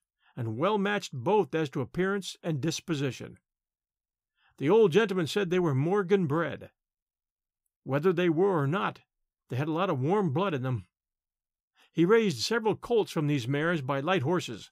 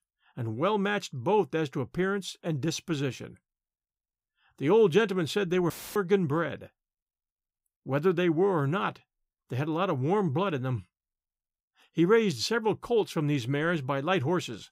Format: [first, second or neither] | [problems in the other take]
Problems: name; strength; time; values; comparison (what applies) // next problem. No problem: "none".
first | audio cutting out; filled with static; at 5.5 s